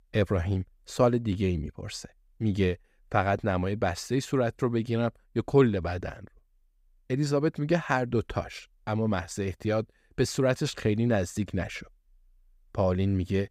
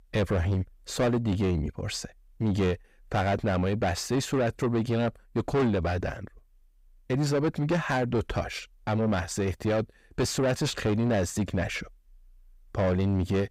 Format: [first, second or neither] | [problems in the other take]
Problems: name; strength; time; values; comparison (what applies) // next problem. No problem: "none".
first | distortion; heavy; 8 dB below the speech